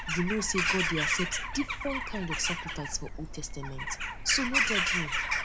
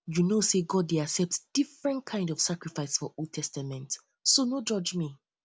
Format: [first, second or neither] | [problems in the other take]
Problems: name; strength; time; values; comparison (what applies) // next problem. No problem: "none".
second | background sound (Bird vocalization, bird call, bird song / Crow); 3 dB above the speech